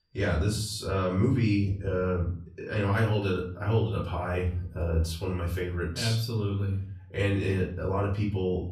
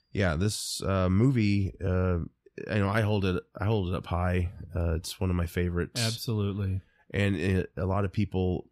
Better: second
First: off-mic speech; far // room echo; slight; dies away in 0.4 s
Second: none

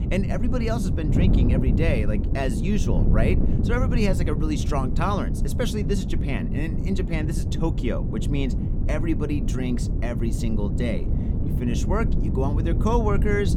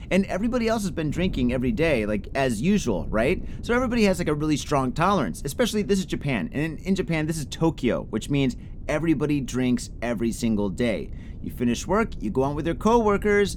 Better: second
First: wind noise on the microphone; heavy; 6 dB below the speech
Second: wind noise on the microphone; occasional gusts; 25 dB below the speech

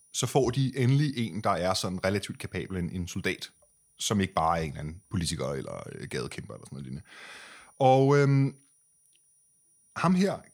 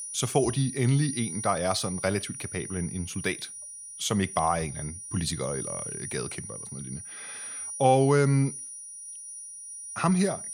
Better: first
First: high-pitched whine; faint; throughout; 9.5 kHz, 35 dB below the speech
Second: high-pitched whine; loud; throughout; 9.5 kHz, 9 dB below the speech

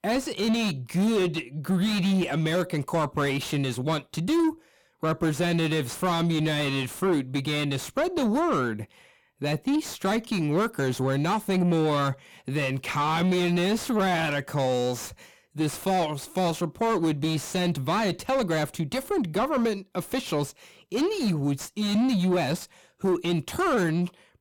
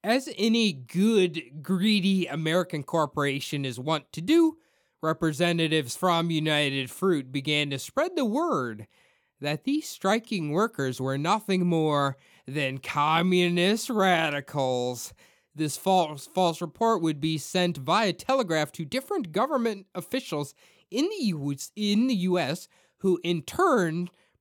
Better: second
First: distortion; heavy; 7 dB below the speech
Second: none

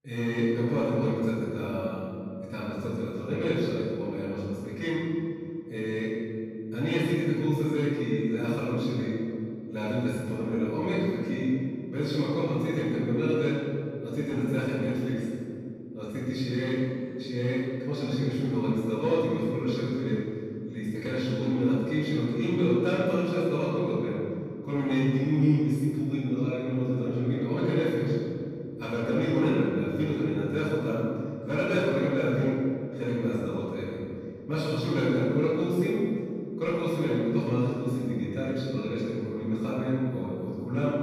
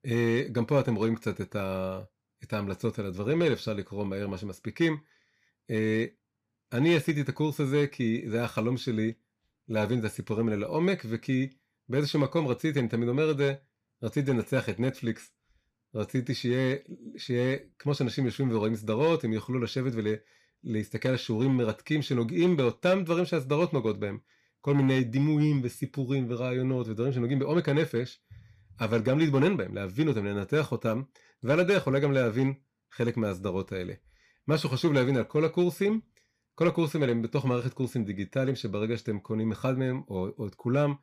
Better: second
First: off-mic speech; far // room echo; strong; dies away in 2.6 s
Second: none

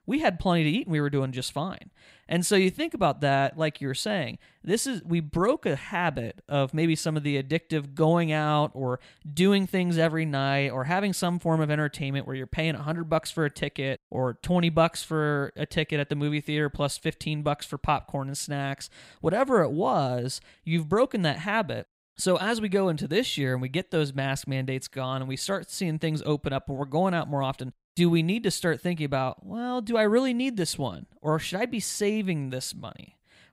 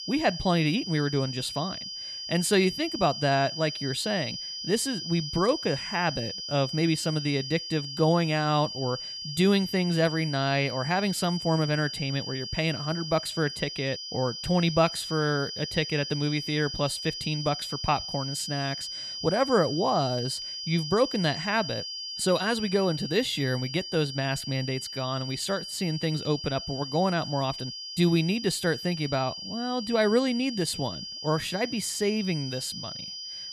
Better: first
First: none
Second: high-pitched whine; loud; throughout; 5 kHz, 7 dB below the speech

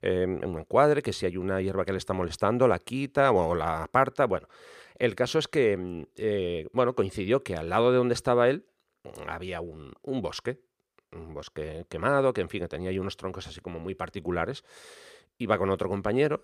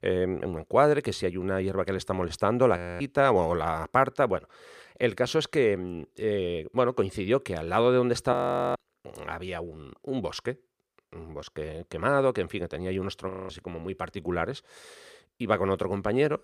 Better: first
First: none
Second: audio freezing; at 3 s, at 8.5 s and at 13 s

